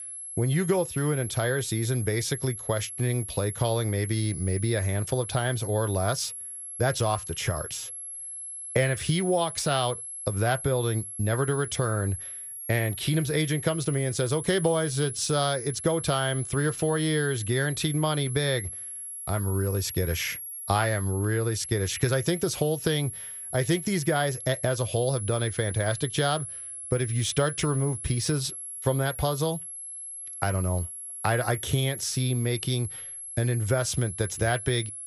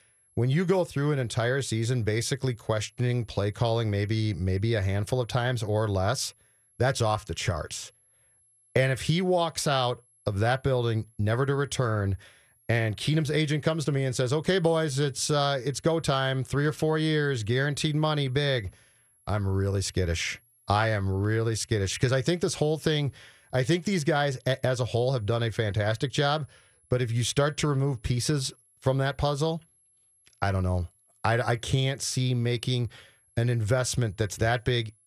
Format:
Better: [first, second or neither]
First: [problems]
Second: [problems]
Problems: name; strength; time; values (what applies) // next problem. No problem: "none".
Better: second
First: high-pitched whine; loud; throughout; 11 kHz, 8 dB below the speech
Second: high-pitched whine; faint; throughout; 11 kHz, 35 dB below the speech